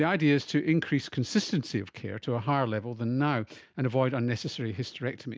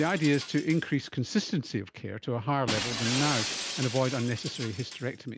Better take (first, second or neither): first